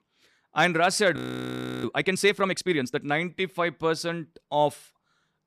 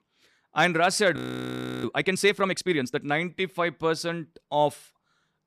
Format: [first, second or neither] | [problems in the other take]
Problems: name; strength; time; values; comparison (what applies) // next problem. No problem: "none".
neither | audio freezing; at 1 s for 0.5 s; the same in both